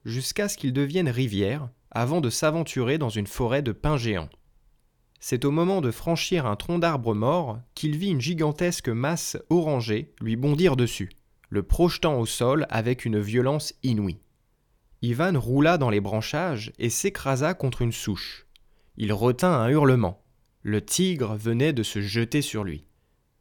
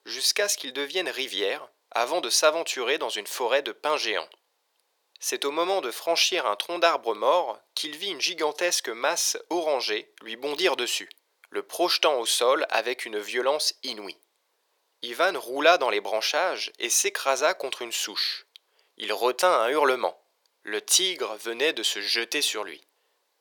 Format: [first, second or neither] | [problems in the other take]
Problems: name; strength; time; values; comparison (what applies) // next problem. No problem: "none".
first | thin; very; fading below 450 Hz